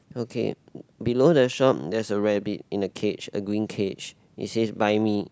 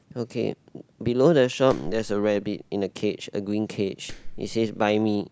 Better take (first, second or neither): first